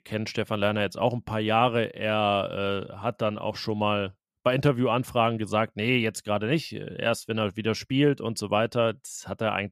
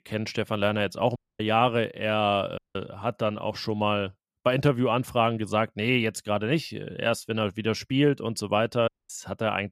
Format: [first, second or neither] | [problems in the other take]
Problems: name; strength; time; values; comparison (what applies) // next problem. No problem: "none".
first | audio cutting out; at 1 s, at 2.5 s and at 9 s